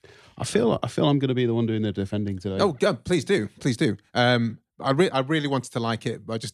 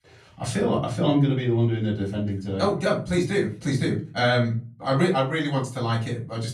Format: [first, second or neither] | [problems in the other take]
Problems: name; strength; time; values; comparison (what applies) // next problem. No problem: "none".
first | off-mic speech; far // room echo; slight; dies away in 0.3 s